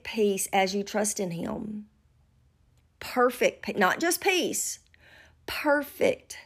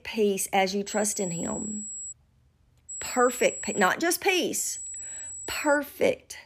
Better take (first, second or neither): first